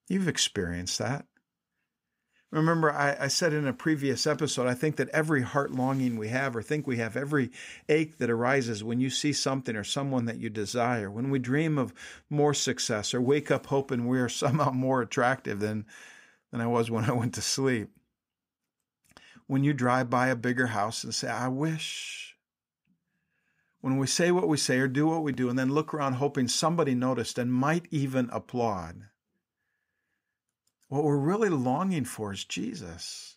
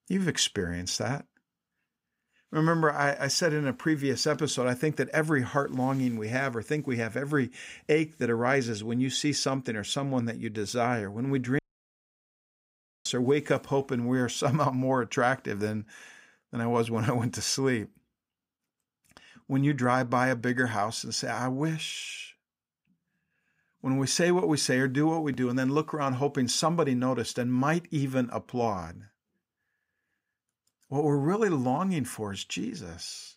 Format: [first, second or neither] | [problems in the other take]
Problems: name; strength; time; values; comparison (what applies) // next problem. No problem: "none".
first | audio cutting out; at 12 s for 1.5 s